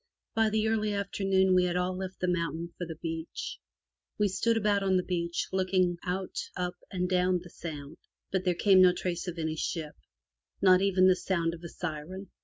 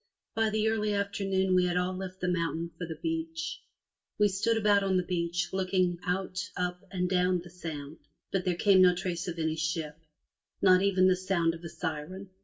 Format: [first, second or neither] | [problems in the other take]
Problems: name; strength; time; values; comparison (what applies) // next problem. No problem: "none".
first | room echo; dies away in 0.2 s